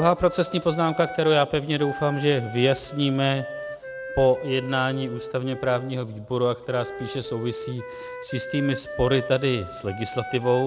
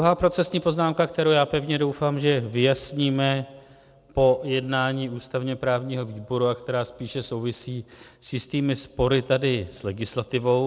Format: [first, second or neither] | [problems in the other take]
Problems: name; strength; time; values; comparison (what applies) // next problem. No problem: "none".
second | background sound (Wind instrument, woodwind instrument); 12 dB below the speech